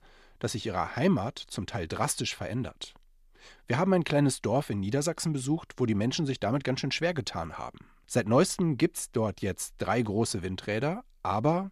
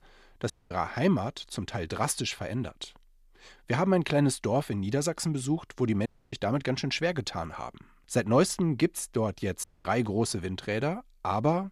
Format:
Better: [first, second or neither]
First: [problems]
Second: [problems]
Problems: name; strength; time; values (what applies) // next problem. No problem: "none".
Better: first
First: none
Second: audio cutting out; at 0.5 s, at 6 s and at 9.5 s